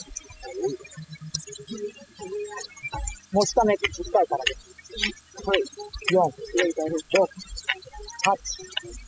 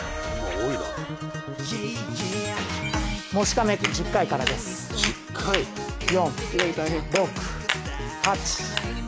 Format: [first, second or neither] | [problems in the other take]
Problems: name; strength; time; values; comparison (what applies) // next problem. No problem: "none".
second | noise reduction (classical method spectral subtraction)